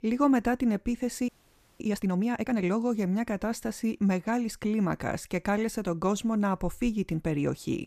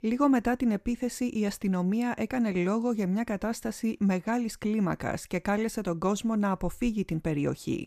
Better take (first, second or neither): second